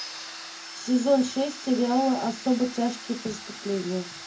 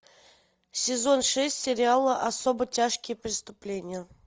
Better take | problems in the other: second | background sound (Domestic sounds, home sounds); 13 dB below the speech // room echo; dies away in 0.3 s

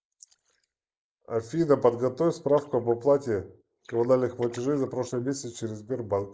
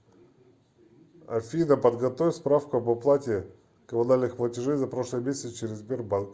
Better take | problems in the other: second | noise reduction (neural mask model Resemble Enhance denoiser)

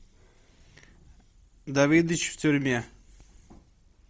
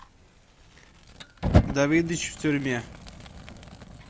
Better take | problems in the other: first | background sound (Fire); as loud as the speech

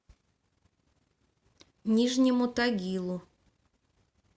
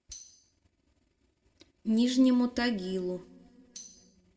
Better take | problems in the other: first | background sound (Tambourine); 20 dB below the speech // room echo; dies away in 1.4 s

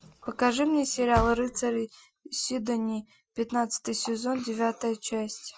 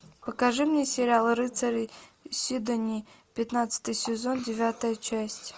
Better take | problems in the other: second | noise reduction (classical method Wiener filter)

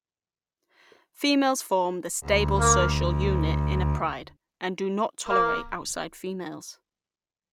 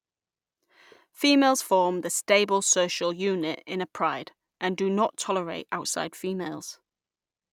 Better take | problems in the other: second | background sound (Bowed string instrument + Wind instrument, woodwind instrument); 3 dB above the speech

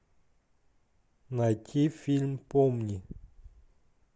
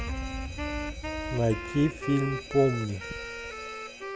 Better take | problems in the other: first | background sound (Wind instrument, woodwind instrument + Alarm); 5 dB below the speech

